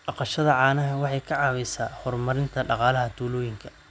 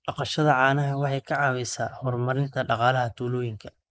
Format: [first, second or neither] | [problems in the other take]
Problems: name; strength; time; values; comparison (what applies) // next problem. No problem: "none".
first | noise reduction (neural mask model Resemble Enhance denoiser)